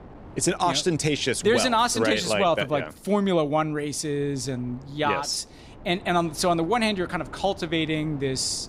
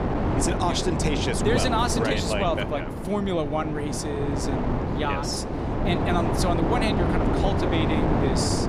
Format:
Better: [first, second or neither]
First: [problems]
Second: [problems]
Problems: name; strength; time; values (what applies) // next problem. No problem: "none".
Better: first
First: wind noise on the microphone; occasional gusts; 25 dB below the speech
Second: wind noise on the microphone; heavy; 1 dB below the speech